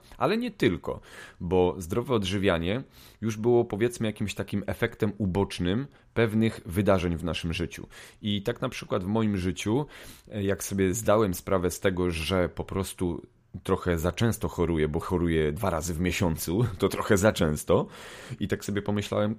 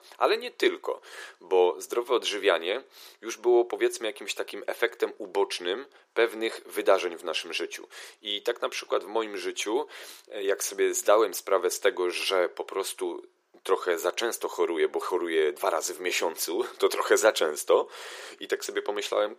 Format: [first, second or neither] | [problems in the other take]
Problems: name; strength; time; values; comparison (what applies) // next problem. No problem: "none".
first | thin; very; fading below 350 Hz